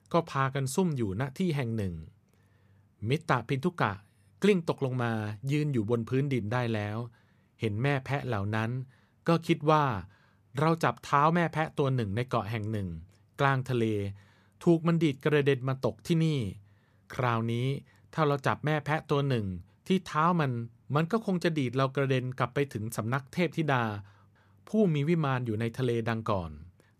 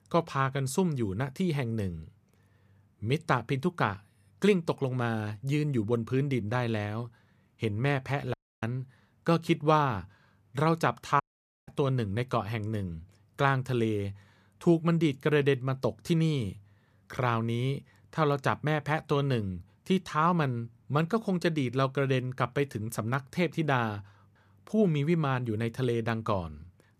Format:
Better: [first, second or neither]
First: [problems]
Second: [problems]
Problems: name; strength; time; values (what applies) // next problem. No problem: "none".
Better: first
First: none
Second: audio cutting out; at 8.5 s and at 11 s